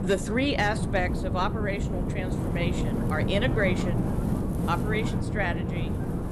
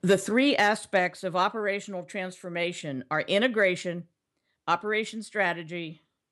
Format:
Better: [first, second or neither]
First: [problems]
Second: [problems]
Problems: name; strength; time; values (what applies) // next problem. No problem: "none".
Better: second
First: wind noise on the microphone; heavy; 6 dB below the speech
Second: none